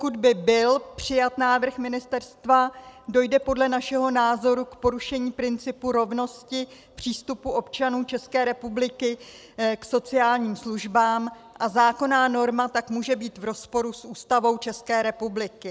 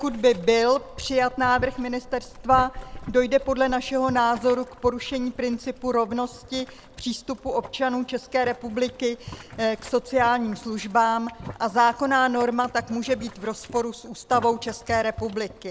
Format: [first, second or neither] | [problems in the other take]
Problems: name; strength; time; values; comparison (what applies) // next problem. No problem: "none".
first | background sound (Boiling); 17 dB below the speech